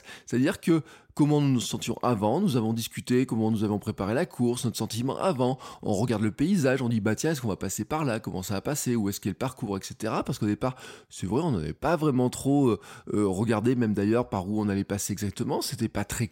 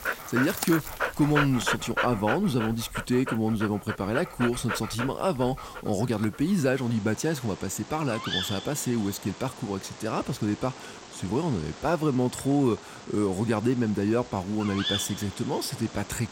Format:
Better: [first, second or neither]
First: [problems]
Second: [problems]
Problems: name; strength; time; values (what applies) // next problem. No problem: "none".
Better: first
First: none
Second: animal sounds; loud; throughout; 7 dB below the speech